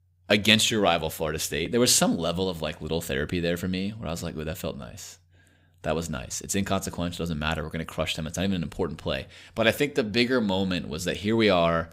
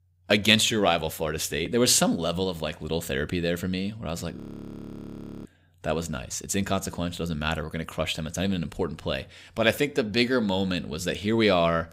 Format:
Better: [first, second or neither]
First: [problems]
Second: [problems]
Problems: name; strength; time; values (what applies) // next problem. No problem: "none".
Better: first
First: none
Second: audio freezing; at 4.5 s for 1 s